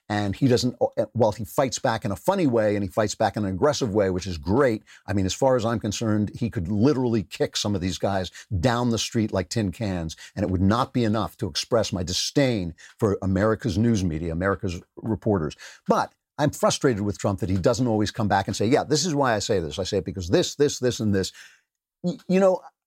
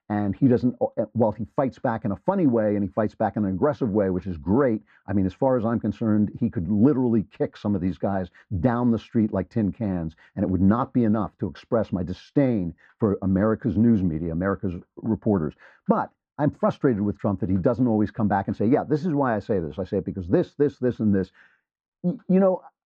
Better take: first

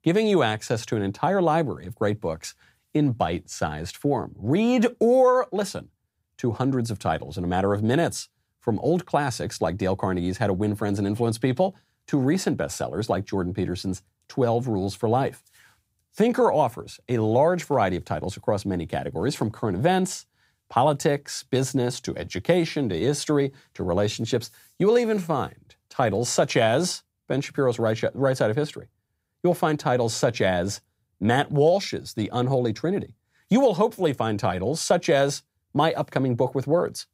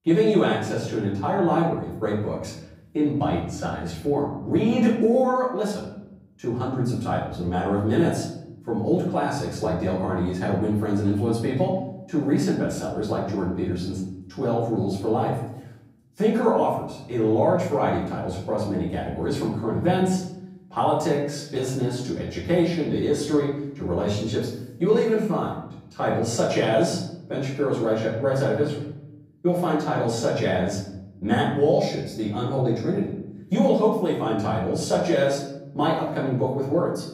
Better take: first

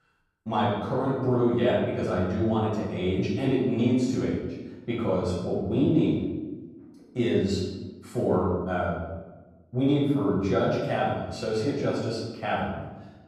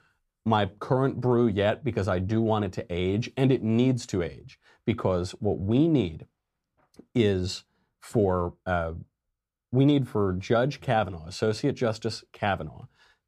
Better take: second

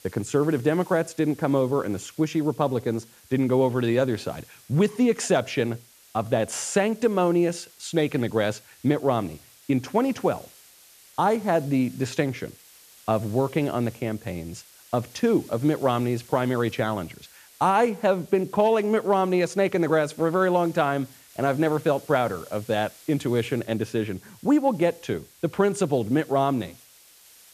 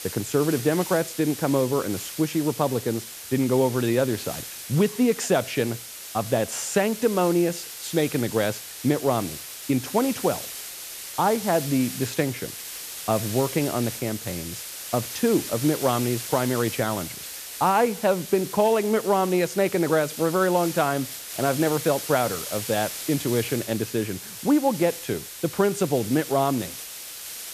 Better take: first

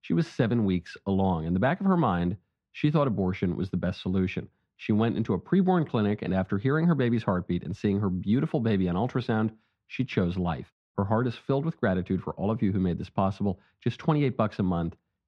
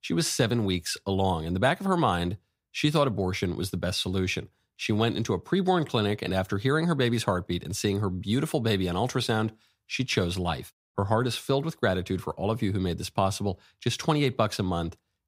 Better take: second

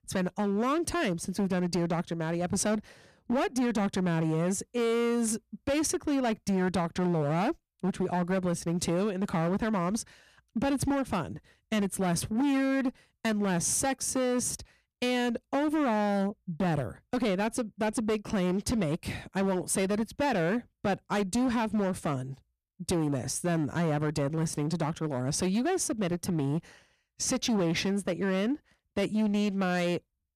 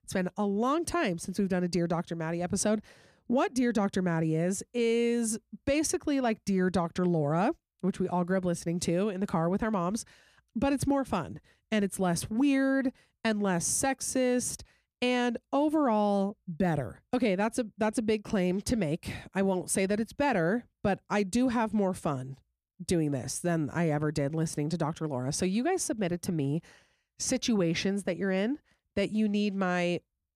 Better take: second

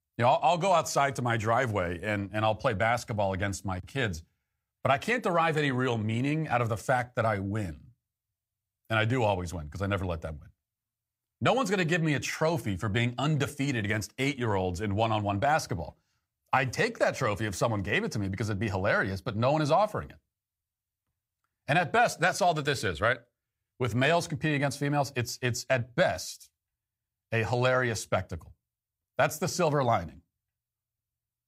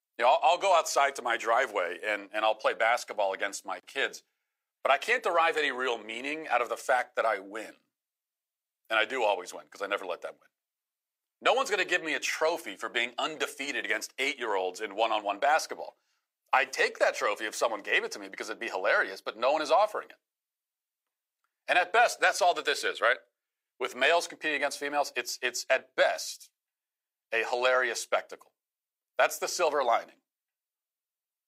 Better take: first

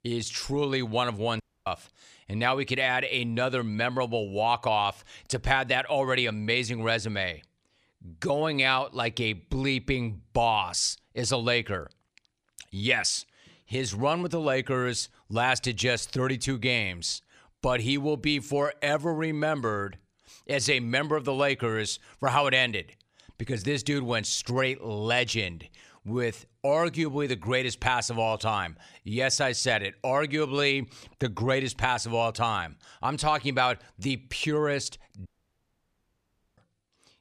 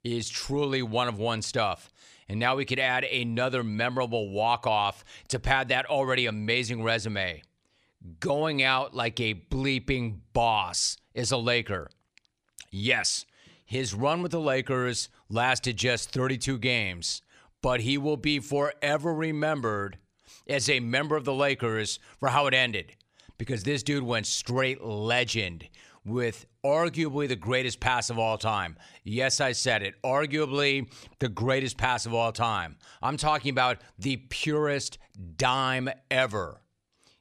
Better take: second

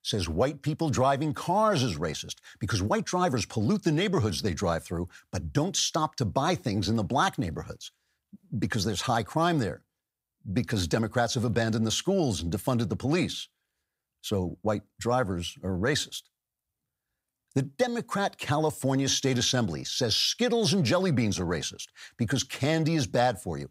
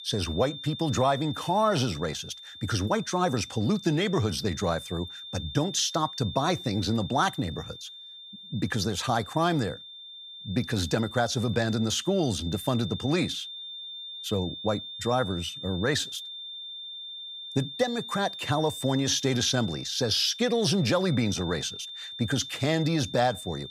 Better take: first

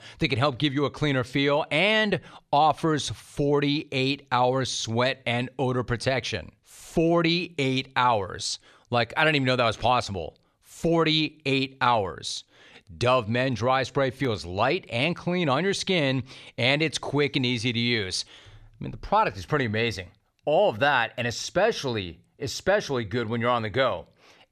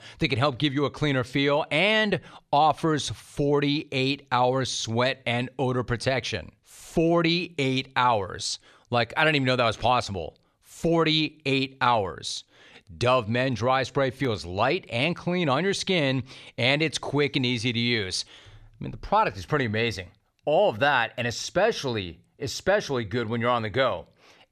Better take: neither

